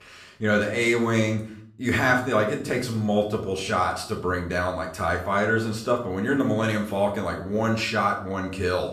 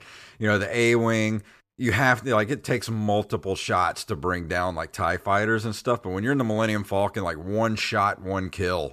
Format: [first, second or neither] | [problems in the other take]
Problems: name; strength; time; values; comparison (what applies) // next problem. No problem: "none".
second | room echo; slight; dies away in 0.5 s // off-mic speech; somewhat distant